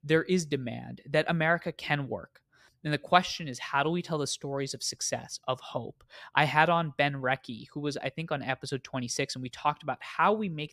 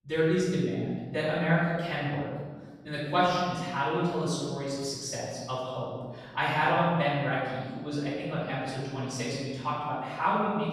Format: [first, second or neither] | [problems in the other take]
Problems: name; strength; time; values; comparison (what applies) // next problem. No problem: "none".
first | room echo; strong; dies away in 1.5 s // off-mic speech; far